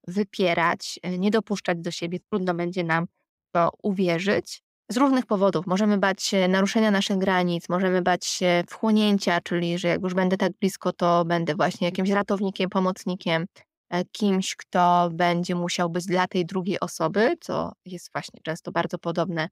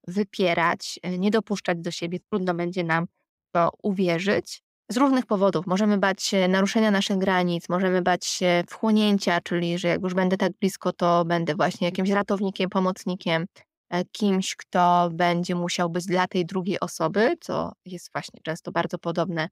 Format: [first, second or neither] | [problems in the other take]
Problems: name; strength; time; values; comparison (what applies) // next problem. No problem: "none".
neither | none